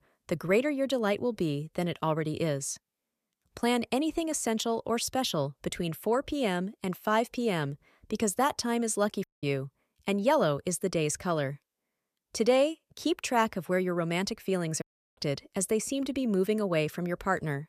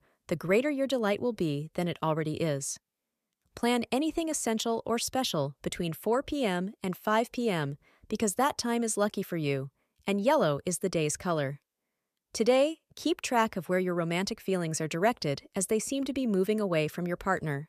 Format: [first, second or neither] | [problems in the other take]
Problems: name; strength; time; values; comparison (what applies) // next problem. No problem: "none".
second | audio cutting out; at 9 s and at 15 s